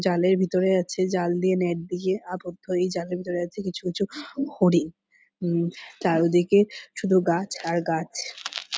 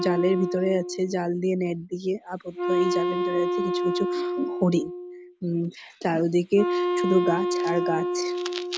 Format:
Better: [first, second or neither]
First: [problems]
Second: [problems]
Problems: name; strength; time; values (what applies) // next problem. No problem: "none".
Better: first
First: none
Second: background sound (Wind instrument, woodwind instrument); 1 dB below the speech